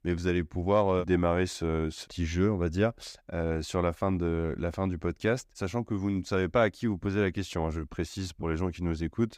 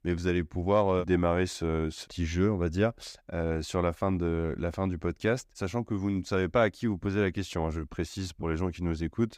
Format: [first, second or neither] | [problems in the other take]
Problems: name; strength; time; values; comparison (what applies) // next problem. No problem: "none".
neither | none